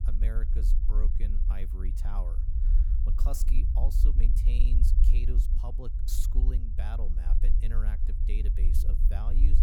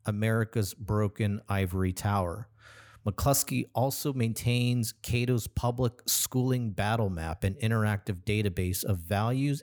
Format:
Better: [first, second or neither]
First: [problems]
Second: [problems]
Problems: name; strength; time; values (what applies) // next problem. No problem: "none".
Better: second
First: low rumble; loud; throughout; 3 dB below the speech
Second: none